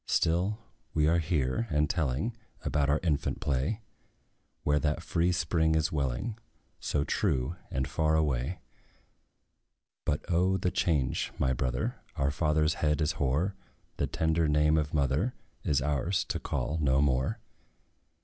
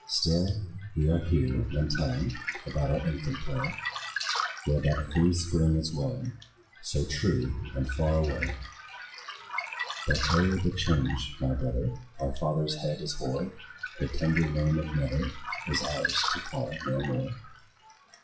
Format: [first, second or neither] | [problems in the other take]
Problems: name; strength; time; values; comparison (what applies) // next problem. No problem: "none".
first | noise reduction (classical method WPE with log-MMSE)